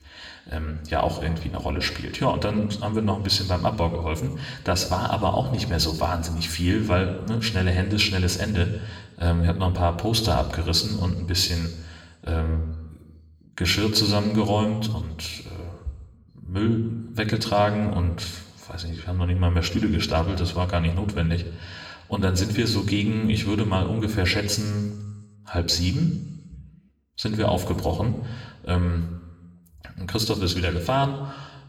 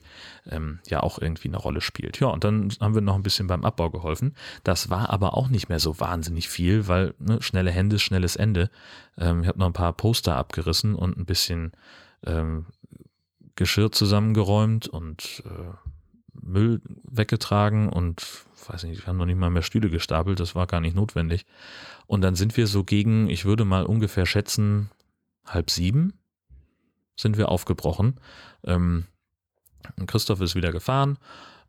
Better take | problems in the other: second | room echo; slight; dies away in 1 s // off-mic speech; somewhat distant

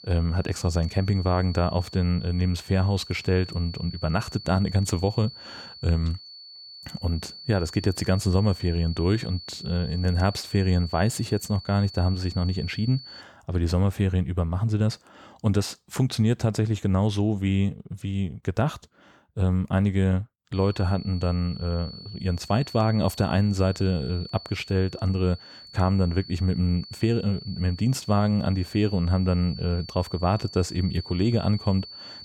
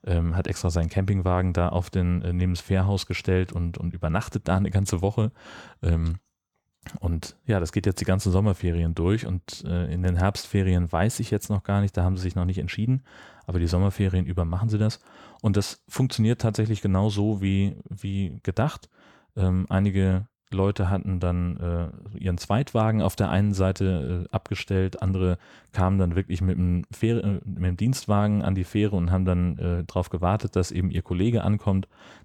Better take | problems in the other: second | high-pitched whine; noticeable; until 13 s and from 21 s on; 4.5 kHz, 15 dB below the speech

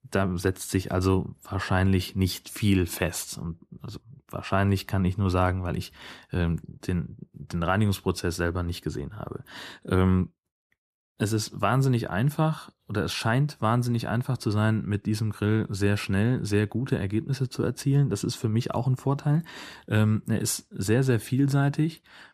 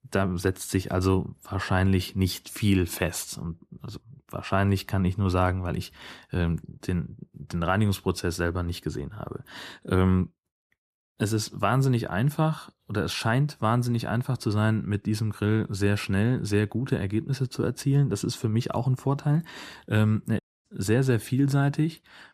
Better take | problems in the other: first | audio cutting out; at 20 s

